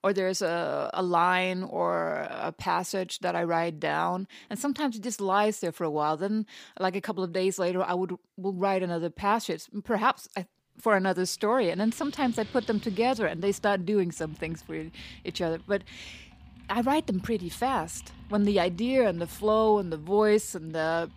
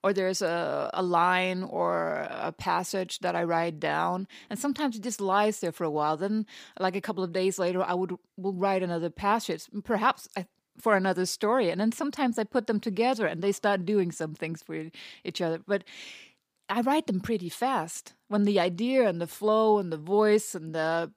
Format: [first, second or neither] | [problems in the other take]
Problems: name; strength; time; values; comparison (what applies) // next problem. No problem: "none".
second | household noises; faint; from 11 s on; 20 dB below the speech